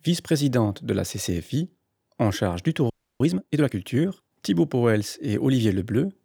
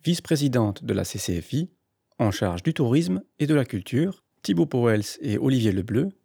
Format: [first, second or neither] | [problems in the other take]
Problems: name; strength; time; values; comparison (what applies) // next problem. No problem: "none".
second | audio freezing; at 3 s